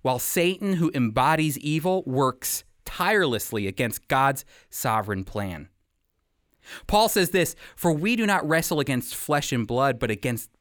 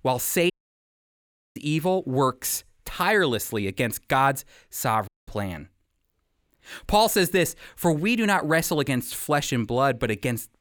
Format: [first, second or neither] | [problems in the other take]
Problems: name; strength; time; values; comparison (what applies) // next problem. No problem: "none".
first | audio cutting out; at 0.5 s for 1 s and at 5 s